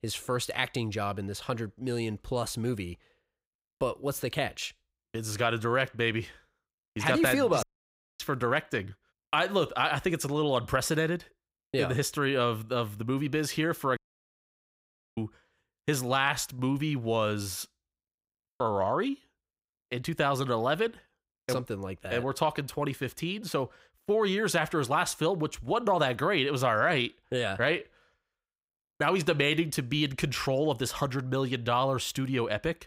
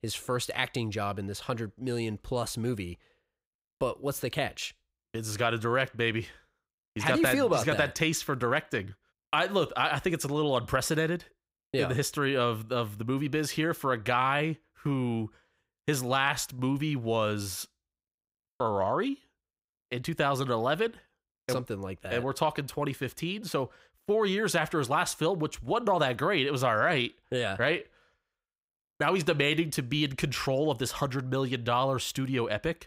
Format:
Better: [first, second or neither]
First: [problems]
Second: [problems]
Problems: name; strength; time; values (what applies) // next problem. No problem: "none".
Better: second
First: audio cutting out; at 7.5 s for 0.5 s and at 14 s for 1 s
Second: none